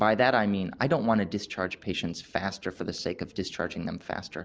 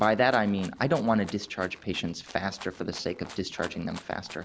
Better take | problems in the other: first | background sound (Rattle (instrument)); 20 dB below the speech

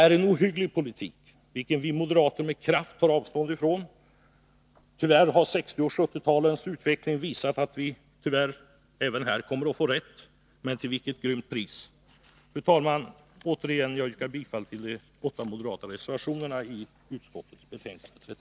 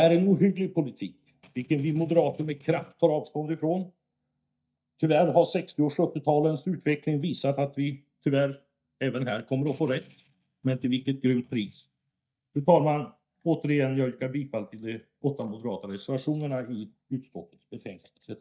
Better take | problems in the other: first | noise reduction (neural mask model DeepFilterNet 3)

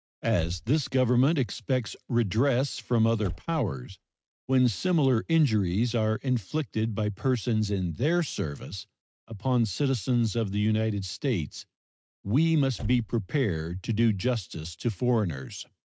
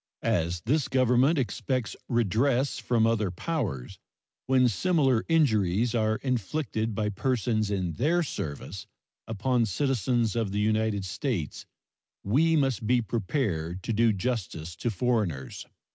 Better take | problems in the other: second | noise reduction (neural mask model RNNoise)

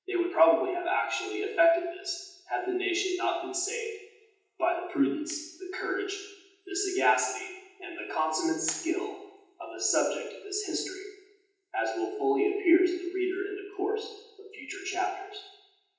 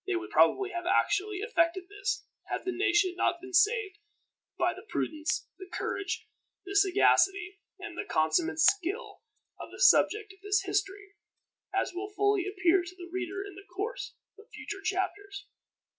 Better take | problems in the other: second | room echo; dies away in 0.8 s

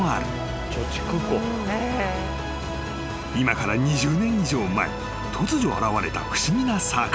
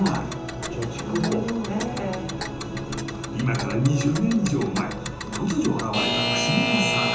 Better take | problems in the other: first | background sound (Alarm / Clock); 5 dB below the speech // room echo; dies away in 0.7 s

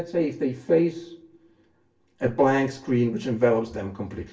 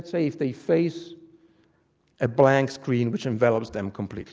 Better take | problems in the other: second | room echo; dies away in 0.2 s

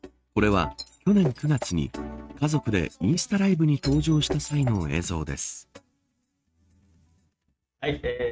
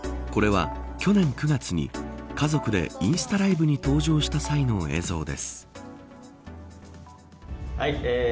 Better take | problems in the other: second | noise reduction (neural mask model RNNoise)

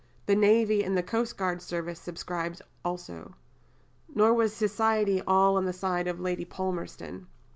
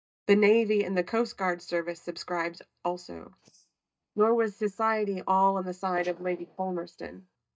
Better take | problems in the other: first | noise reduction (neural mask model DeepFilterNet 3)

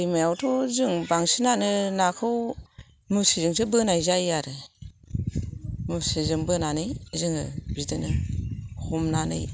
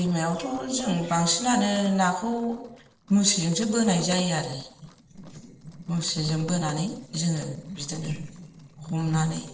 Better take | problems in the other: first | noise reduction (neural separator model SepFormer DNS4)

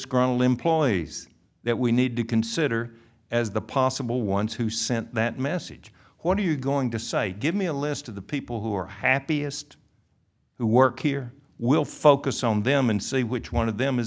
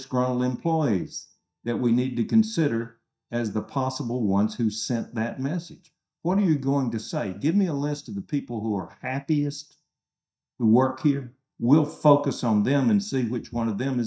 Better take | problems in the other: first | noise reduction (neural mask model DeepFilterNet 3)

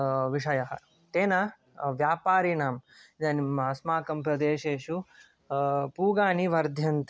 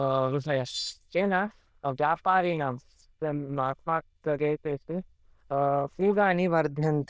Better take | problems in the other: first | noise reduction (neural diffusion model UNIVERSE++)

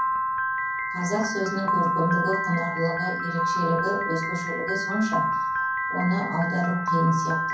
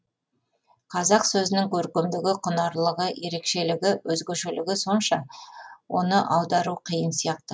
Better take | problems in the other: second | background sound (Piano); 1 dB above the speech // room echo; dies away in 0.6 s

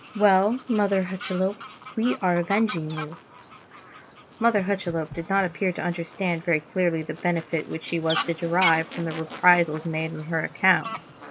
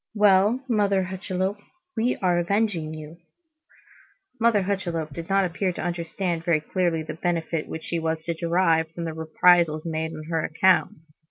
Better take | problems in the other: second | background sound (Fowl); 13 dB below the speech

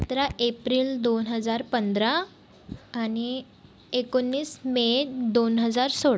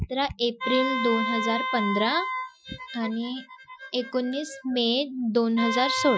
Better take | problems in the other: first | noise reduction (classical method Wiener filter)

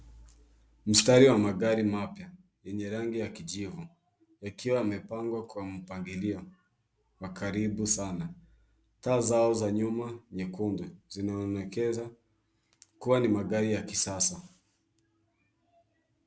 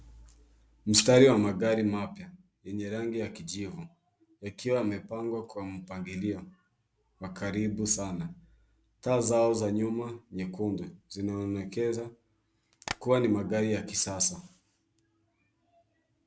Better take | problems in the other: first | background sound (Tap); 13 dB below the speech

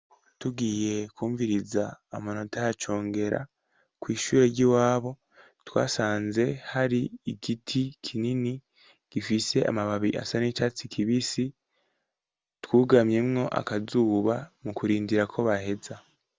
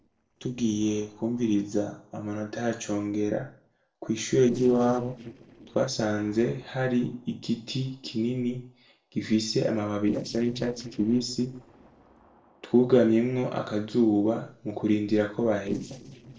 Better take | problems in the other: first | noise reduction (neural separator model SepFormer DNS4)

